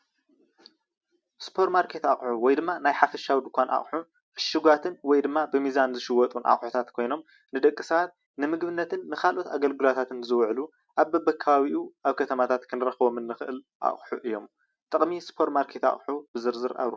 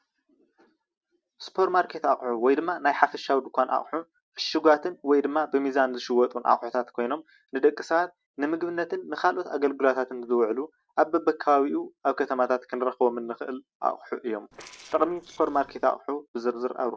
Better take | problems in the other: first | noise reduction (neural separator model SepFormer DNS4)

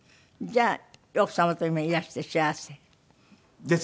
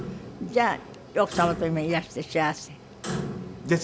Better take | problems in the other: first | background sound (Clock); 9 dB below the speech

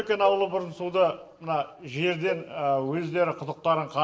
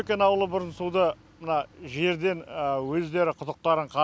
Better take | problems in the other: second | noise reduction (neural separator model SepFormer DNS4)

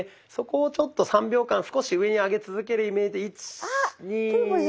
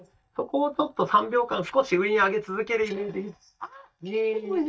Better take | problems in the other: first | noise reduction (neural mask model DeepFilterNet 3)

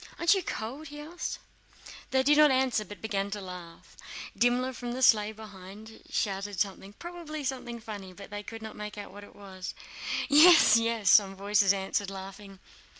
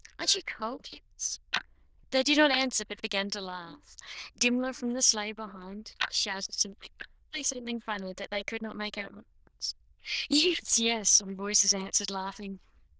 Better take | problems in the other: first | noise reduction (neural diffusion model UNIVERSE++)

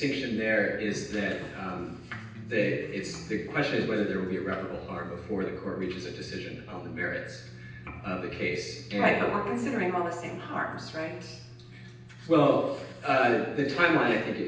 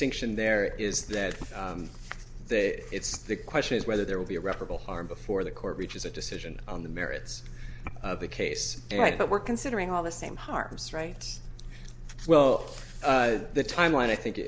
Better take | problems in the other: second | background sound (Electric guitar); 13 dB below the speech // room echo; dies away in 0.9 s

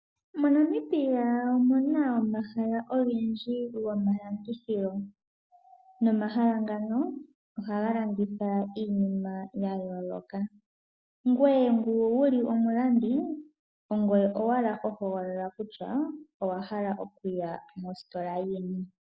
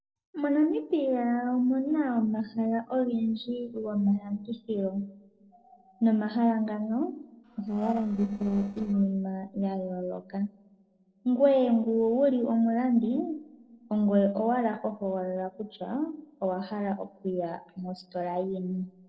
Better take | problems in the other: first | noise reduction (neural separator model SepFormer DNS4)

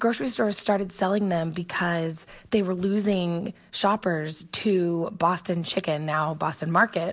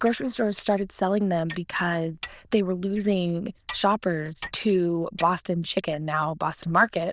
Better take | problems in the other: first | noise reduction (neural diffusion model UNIVERSE++)

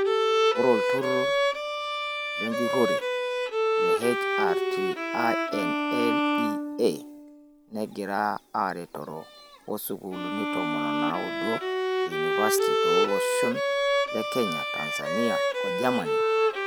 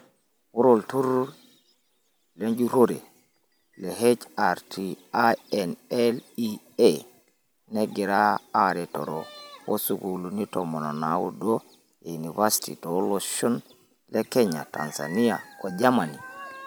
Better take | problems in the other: second | background sound (Bowed string instrument); 5 dB above the speech

